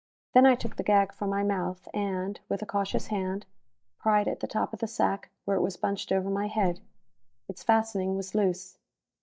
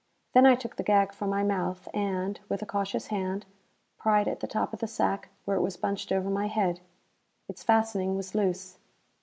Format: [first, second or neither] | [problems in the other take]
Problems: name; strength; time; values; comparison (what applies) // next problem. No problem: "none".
second | noise reduction (neural mask model DeepFilterNet 3)